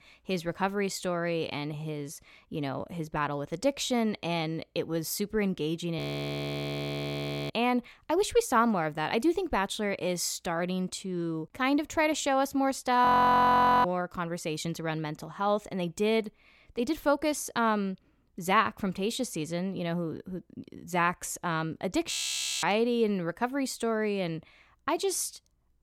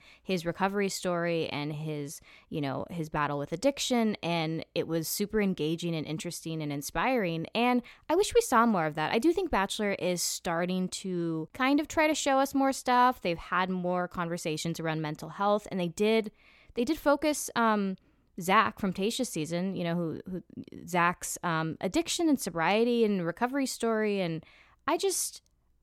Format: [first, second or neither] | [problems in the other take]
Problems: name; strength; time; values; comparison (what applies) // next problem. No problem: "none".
second | audio freezing; at 6 s for 1.5 s, at 13 s for 1 s and at 22 s for 0.5 s